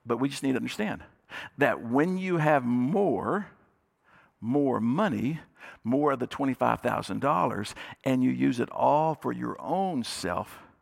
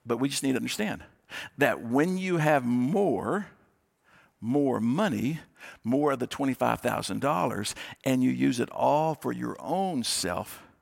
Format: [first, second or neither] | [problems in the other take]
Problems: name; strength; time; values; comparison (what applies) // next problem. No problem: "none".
second | muffled; slightly; fading above 3.5 kHz